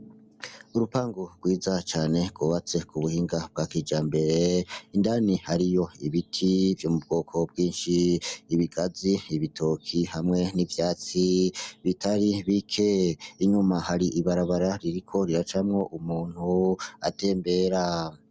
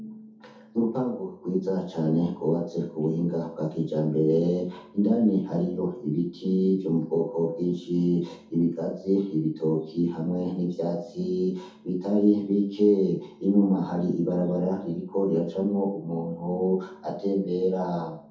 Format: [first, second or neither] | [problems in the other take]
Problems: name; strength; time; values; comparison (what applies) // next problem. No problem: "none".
first | room echo; dies away in 0.5 s